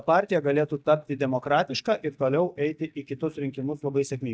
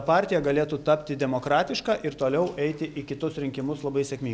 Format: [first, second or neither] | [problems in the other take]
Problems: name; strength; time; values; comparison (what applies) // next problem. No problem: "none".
second | noise reduction (neural mask model DeepFilterNet 3)